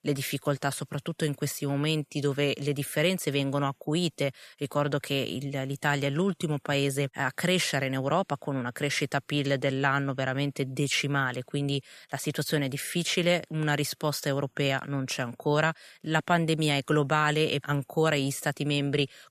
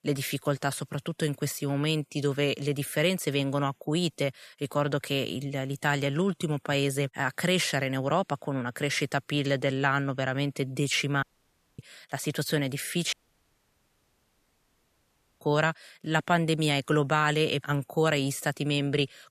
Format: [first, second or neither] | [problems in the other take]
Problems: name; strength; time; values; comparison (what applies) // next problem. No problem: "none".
first | audio cutting out; at 11 s for 0.5 s and at 13 s for 2.5 s